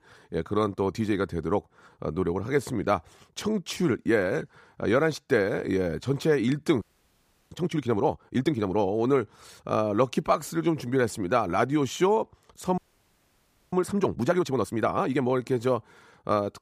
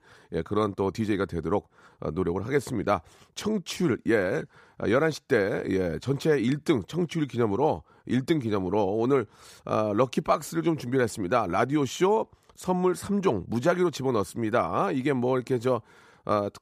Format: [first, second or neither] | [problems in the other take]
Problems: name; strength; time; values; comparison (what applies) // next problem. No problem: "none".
second | audio freezing; at 7 s for 0.5 s and at 13 s for 1 s